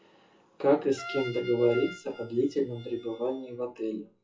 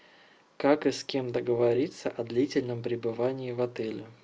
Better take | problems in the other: second | noise reduction (classical method WPE with log-MMSE)

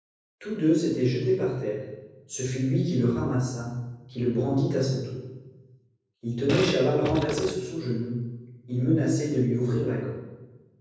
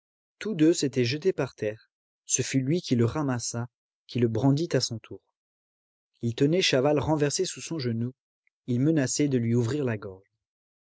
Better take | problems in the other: second | background sound (Fart); 6 dB below the speech // room echo; dies away in 1.1 s

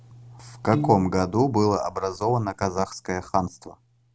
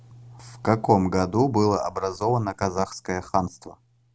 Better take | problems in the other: second | background sound (Piano); 7 dB below the speech

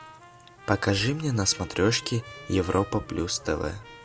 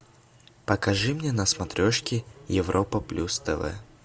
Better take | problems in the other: second | background sound (Trumpet); 19 dB below the speech

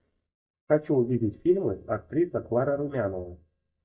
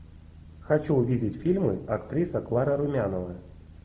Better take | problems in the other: second | noise reduction (neural mask model DeepFilterNet 3)

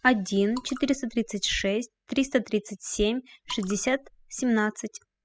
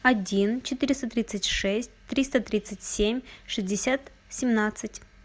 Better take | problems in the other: second | noise reduction (classical method spectral subtraction)

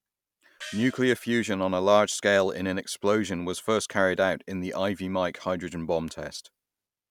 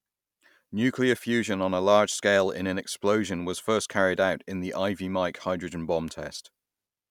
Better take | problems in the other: second | background sound (Gong); 19 dB below the speech

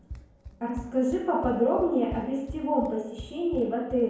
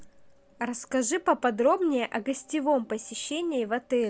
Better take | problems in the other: second | background sound (Run); 16 dB below the speech // room echo; dies away in 0.9 s

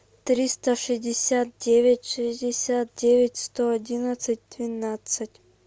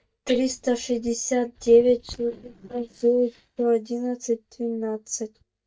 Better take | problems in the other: first | noise reduction (neural mask model DeepFilterNet 3)

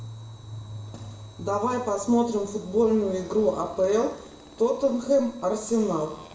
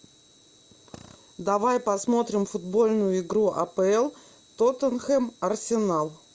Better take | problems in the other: second | background sound (Motorcycle); 17 dB below the speech // room echo; dies away in 0.7 s

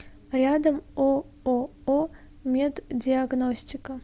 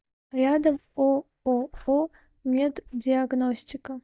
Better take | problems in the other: first | noise reduction (neural mask model DeepFilterNet 3)

